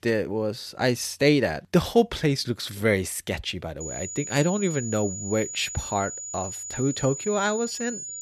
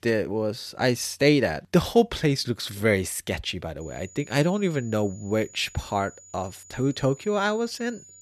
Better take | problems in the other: second | high-pitched whine; loud; from 4 s on; 7 kHz, 7 dB below the speech; faint in the second

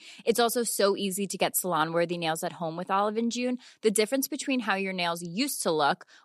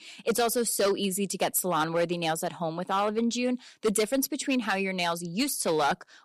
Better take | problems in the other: first | distortion; slight; 5% of the sound clipped

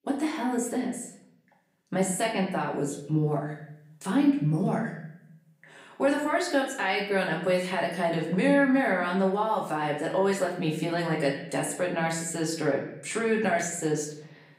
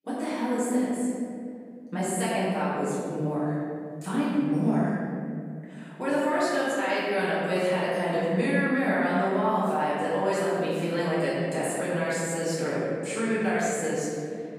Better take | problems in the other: first | room echo; strong; dies away in 2.5 s; slight in the first // off-mic speech; far; far in the first

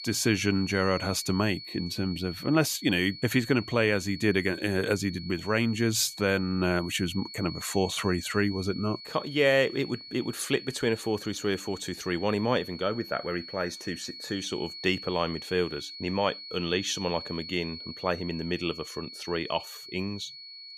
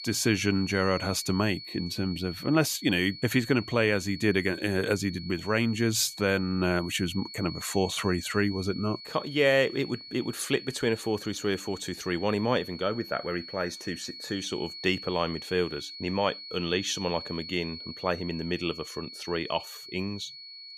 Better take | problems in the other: neither | high-pitched whine; noticeable; throughout; 4.5 kHz, 10 dB below the speech; the same in both

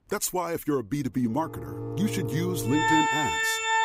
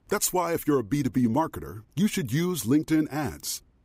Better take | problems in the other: second | background music; very loud; from 2 s on; 2 dB above the speech

